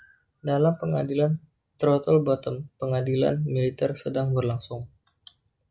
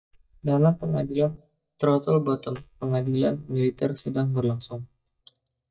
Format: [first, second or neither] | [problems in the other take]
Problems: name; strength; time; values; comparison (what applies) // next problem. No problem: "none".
first | noise reduction (neural mask model DeepFilterNet 3)